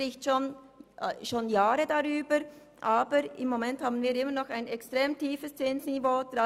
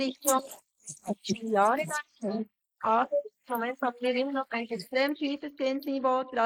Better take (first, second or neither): first